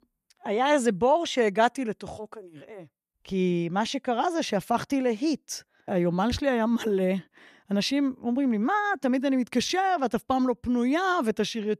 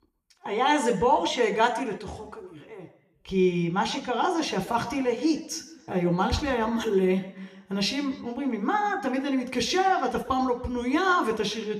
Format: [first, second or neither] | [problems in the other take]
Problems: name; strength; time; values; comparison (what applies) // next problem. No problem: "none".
first | room echo; slight; dies away in 0.7 s